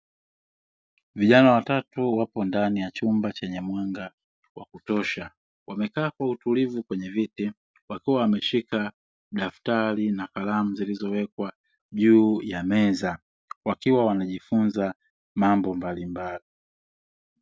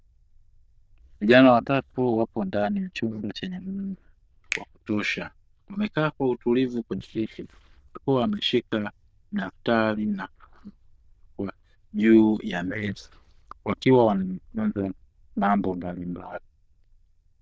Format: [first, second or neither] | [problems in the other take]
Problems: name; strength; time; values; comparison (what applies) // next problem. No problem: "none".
first | noise reduction (neural diffusion model UNIVERSE++)